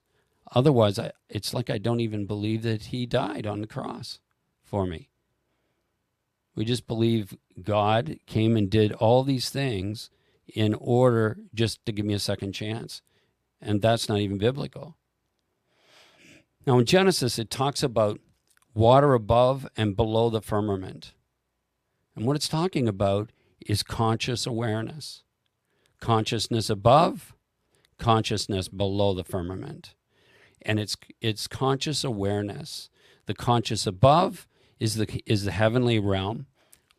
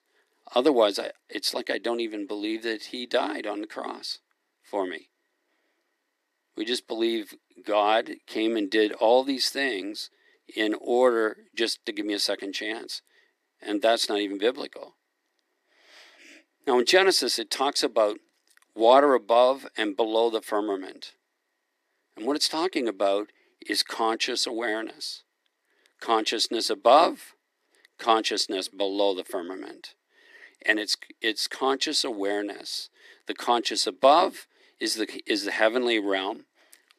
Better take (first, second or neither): first